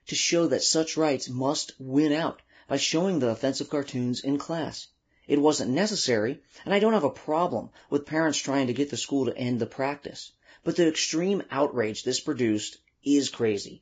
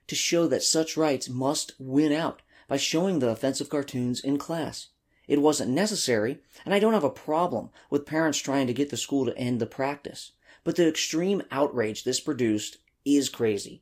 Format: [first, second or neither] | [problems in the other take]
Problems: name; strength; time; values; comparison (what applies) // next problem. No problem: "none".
second | garbled, watery; badly; nothing above 7.5 kHz; slightly in the second